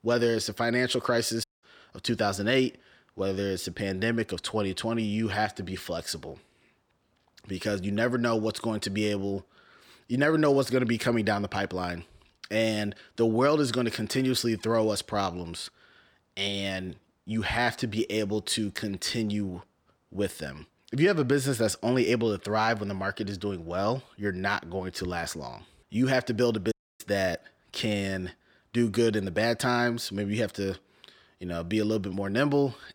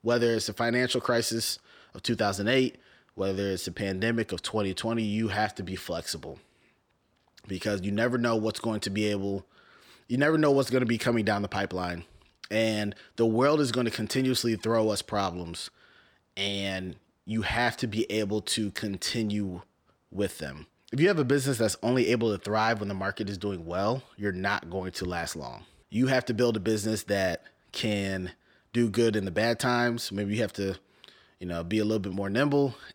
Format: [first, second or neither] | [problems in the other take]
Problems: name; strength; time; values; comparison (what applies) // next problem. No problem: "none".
second | audio cutting out; at 1.5 s and at 27 s